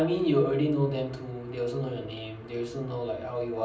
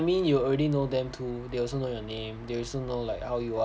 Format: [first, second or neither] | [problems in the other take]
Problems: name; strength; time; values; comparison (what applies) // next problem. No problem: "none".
second | room echo; dies away in 0.6 s